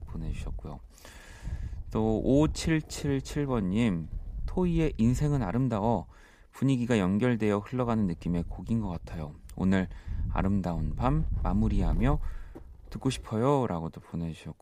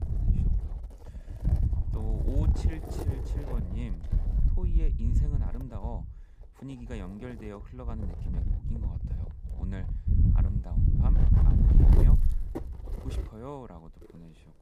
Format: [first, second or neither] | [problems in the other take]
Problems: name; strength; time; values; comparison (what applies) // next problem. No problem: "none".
first | wind noise on the microphone; heavy; 3 dB above the speech; occasional gusts in the first